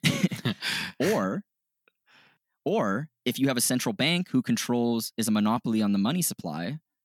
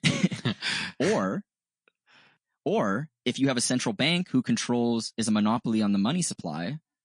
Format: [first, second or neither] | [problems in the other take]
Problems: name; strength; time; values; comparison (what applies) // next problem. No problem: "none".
first | garbled, watery; slightly; nothing above 10 kHz